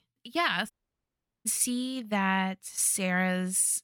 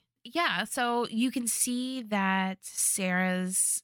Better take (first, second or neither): second